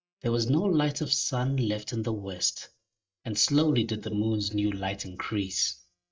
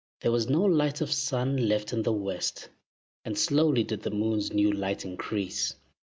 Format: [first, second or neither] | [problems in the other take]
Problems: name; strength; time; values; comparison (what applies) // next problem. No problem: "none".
second | noise reduction (neural mask model DeepFilterNet 3)